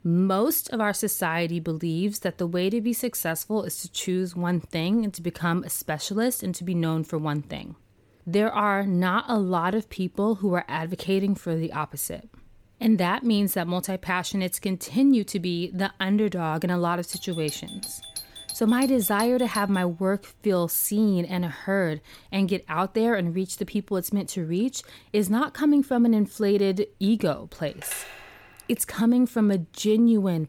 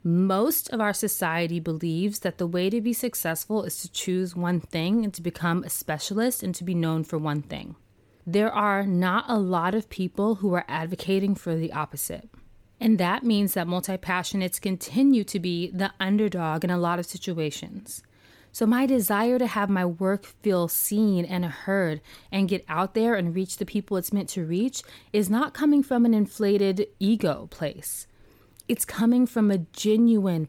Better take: second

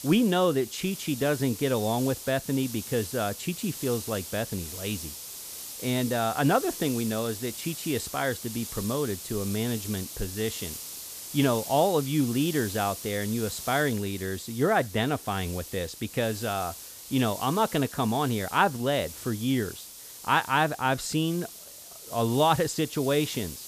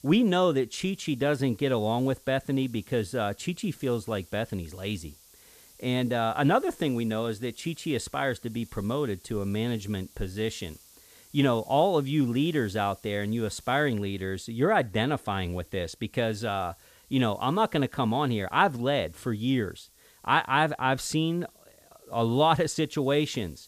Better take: second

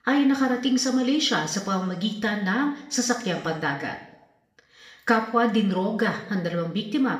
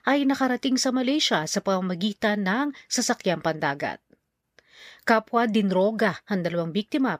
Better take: second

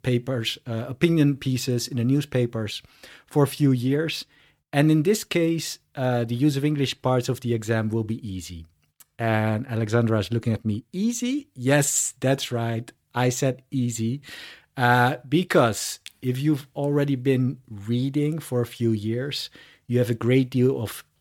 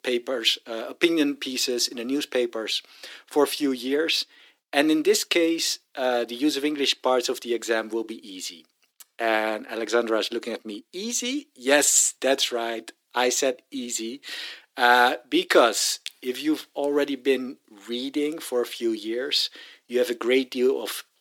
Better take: first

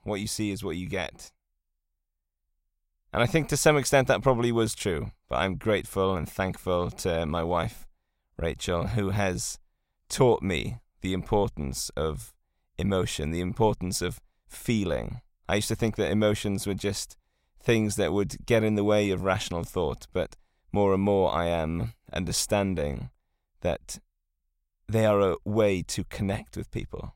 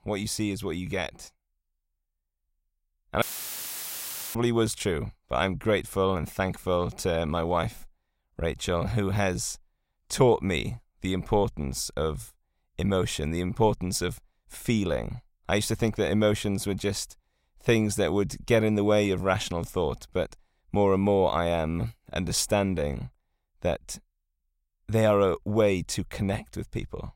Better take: first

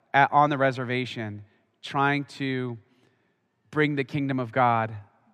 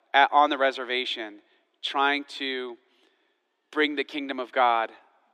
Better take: first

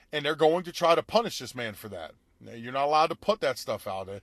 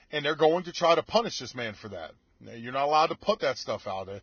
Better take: first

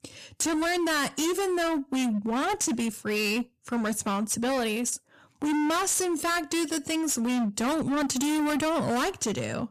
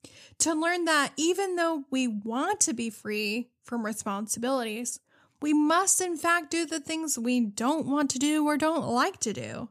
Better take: second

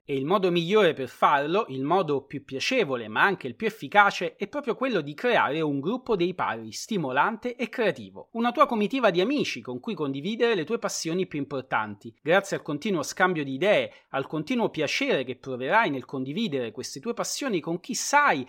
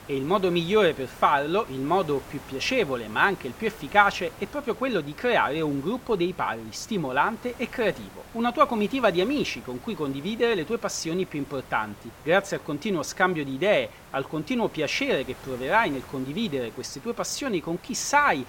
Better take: first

